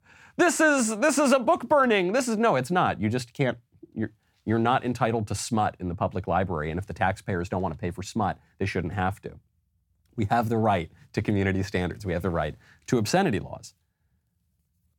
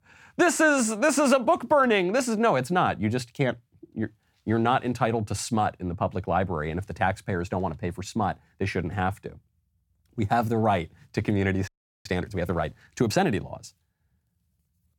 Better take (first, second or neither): first